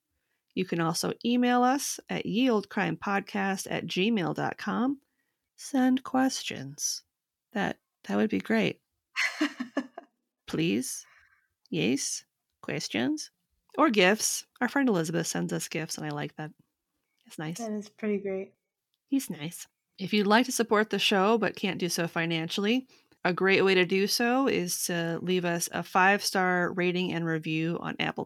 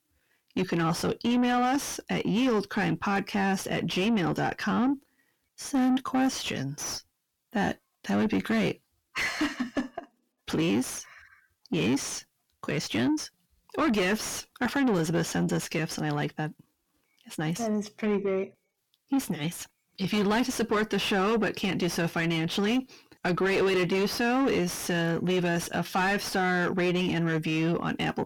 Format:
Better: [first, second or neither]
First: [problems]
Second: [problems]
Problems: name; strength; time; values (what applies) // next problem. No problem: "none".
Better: first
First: none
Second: distortion; heavy; 6 dB below the speech